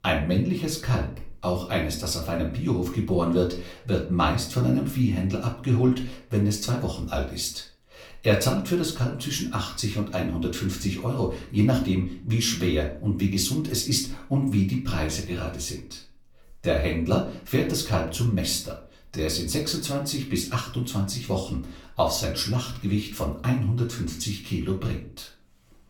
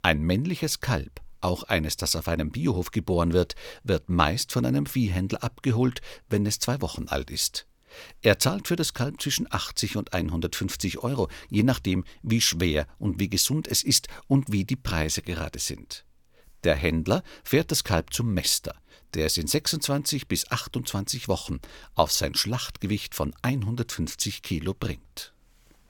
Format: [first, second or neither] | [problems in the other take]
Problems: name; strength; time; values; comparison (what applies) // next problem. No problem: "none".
second | off-mic speech; far // room echo; slight; dies away in 0.4 s